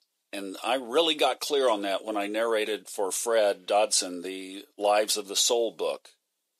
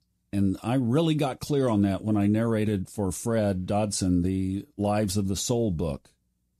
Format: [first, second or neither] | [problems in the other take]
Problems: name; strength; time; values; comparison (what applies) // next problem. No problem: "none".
second | thin; very; fading below 450 Hz